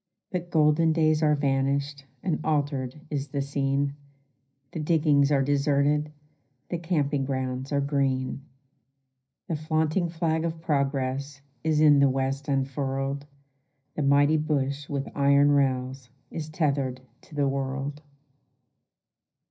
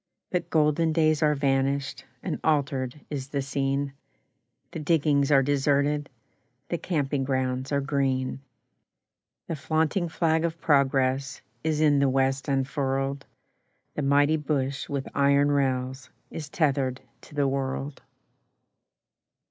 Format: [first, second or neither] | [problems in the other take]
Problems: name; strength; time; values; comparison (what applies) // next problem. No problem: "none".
second | room echo; dies away in 0.4 s